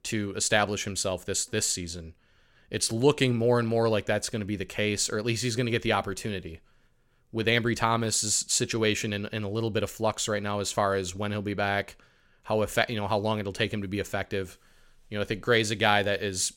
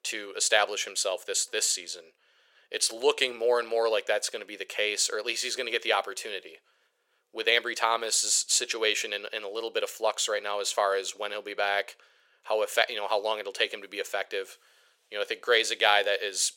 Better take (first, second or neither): first